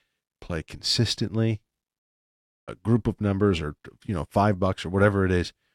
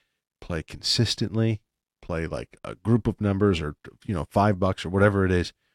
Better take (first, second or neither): second